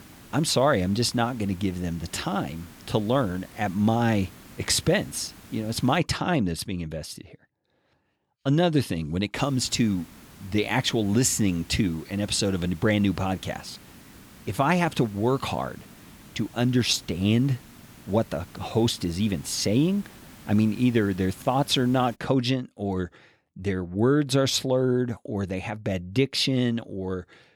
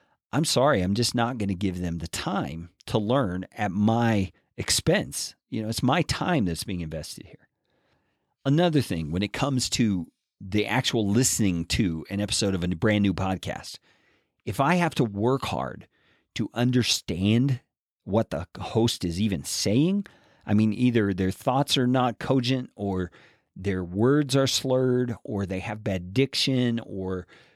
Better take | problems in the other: second | hiss; faint; until 6 s and from 9.5 to 22 s; 20 dB below the speech

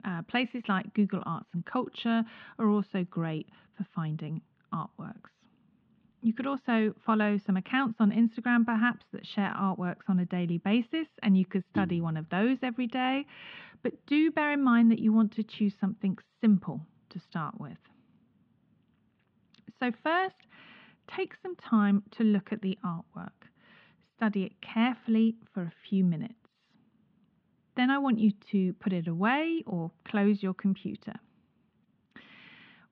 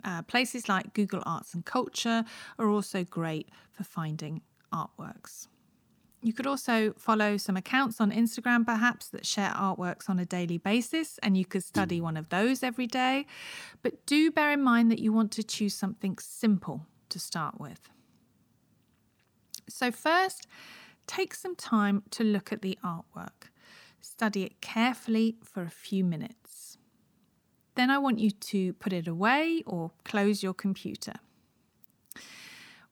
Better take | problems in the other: second | muffled; very; fading above 3.5 kHz

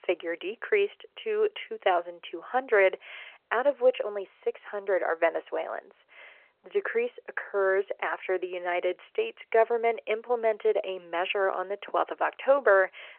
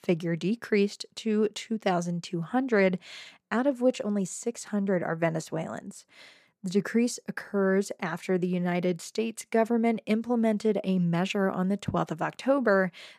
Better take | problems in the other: second | phone-call audio

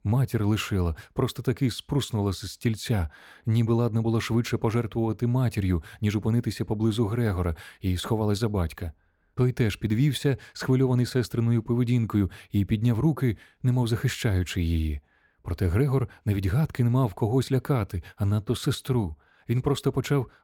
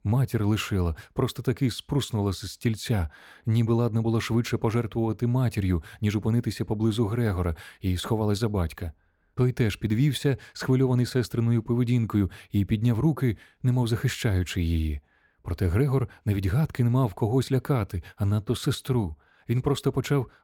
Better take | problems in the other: neither | none

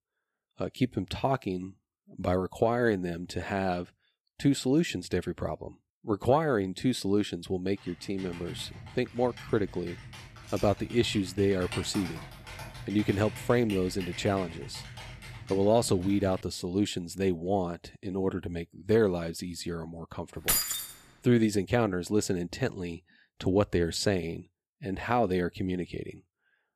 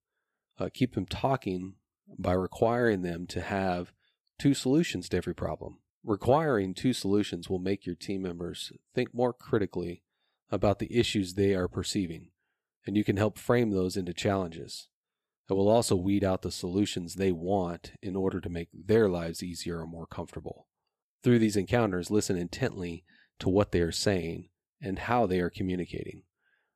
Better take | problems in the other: second | keyboard typing; noticeable; from 8 to 16 s; peak 8 dB below the speech // jangling keys; loud; at 20 s; peak 4 dB above the speech

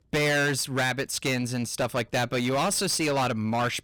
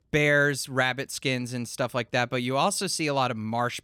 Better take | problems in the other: second | distortion; heavy; 20% of the sound clipped

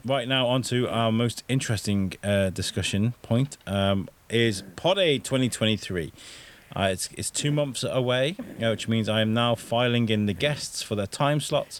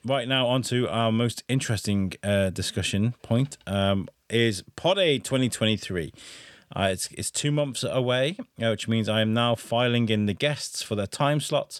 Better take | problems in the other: second | hiss; faint; throughout; 25 dB below the speech

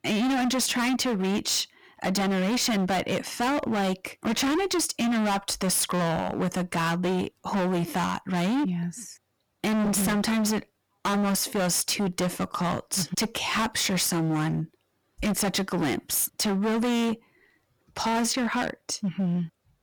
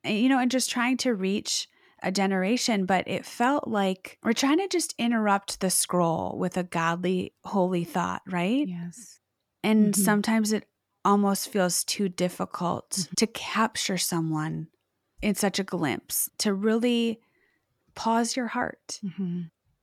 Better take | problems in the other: second | distortion; heavy; 28% of the sound clipped

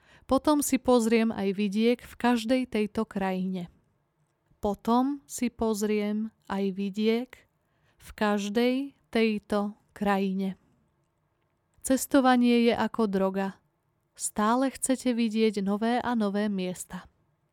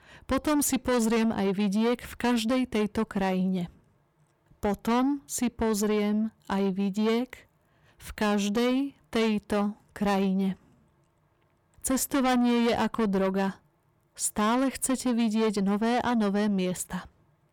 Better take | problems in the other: first | distortion; heavy; 8 dB below the speech

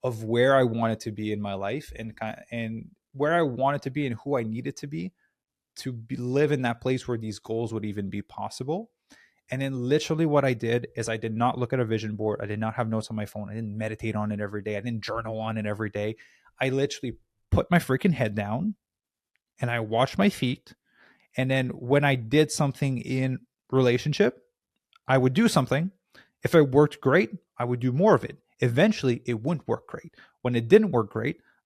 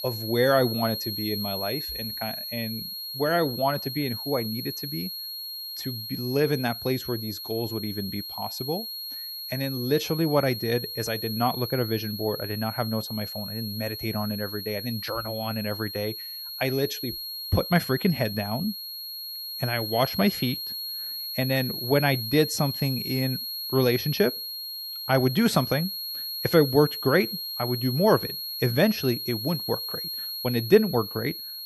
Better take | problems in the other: first | high-pitched whine; loud; throughout; 4.5 kHz, 5 dB below the speech

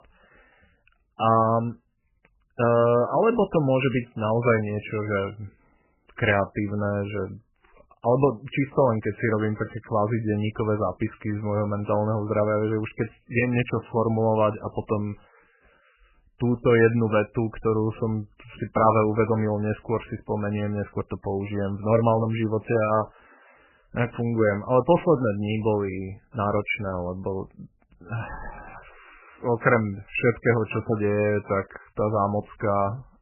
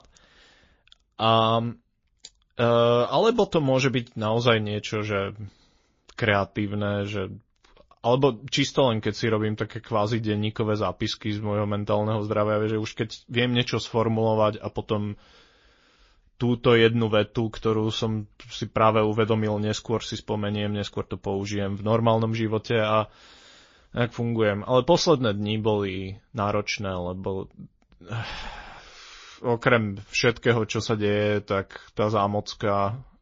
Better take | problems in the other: second | garbled, watery; badly; nothing above 3 kHz; slightly in the second

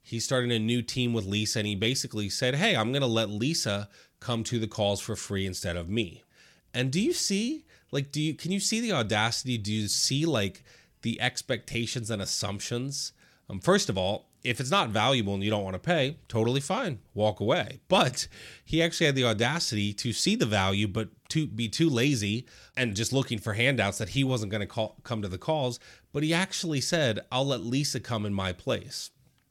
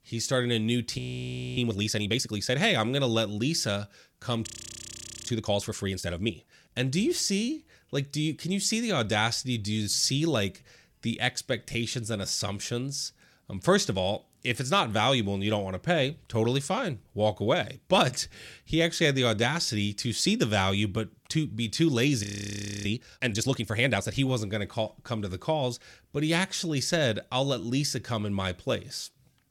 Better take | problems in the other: first | audio freezing; at 1 s for 0.5 s, at 4.5 s for 1 s and at 22 s for 0.5 s

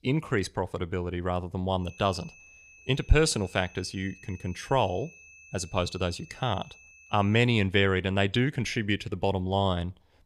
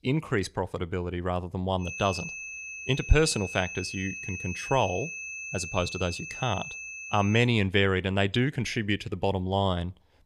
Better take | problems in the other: first | high-pitched whine; loud; from 2 to 7.5 s; 2.5 kHz, 8 dB below the speech; faint in the first

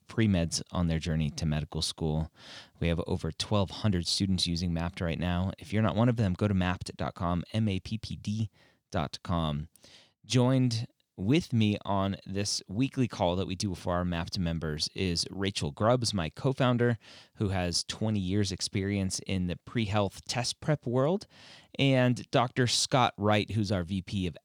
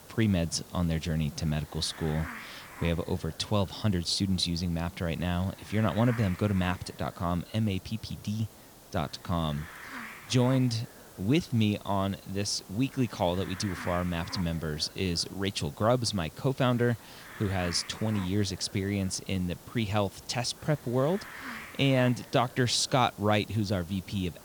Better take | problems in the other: first | hiss; noticeable; throughout; 15 dB below the speech

